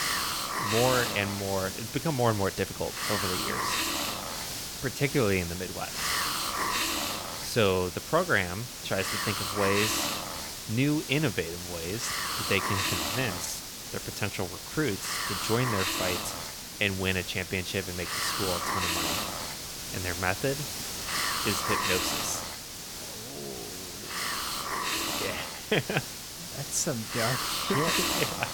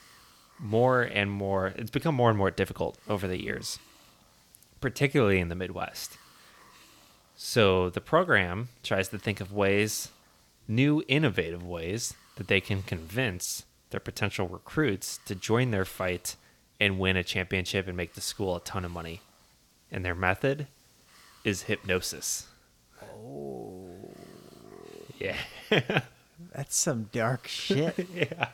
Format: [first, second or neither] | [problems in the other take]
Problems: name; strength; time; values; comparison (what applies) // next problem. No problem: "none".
second | hiss; loud; throughout; as loud as the speech; faint in the second